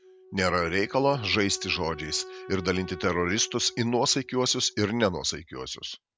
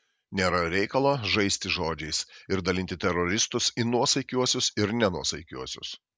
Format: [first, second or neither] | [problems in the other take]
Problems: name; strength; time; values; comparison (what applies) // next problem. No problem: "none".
second | background sound (Wind instrument, woodwind instrument); 18 dB below the speech